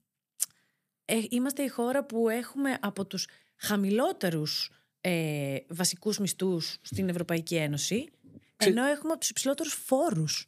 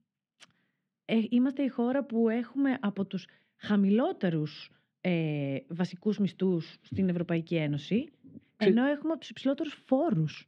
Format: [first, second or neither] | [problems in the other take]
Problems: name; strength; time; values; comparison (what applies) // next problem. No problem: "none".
first | muffled; very; fading above 3 kHz